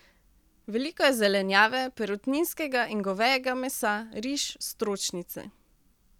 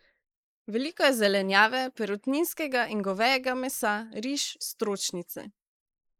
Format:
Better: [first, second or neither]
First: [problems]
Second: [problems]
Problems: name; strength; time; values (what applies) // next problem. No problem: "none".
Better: first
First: none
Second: noise reduction (neural mask model Resemble Enhance denoiser)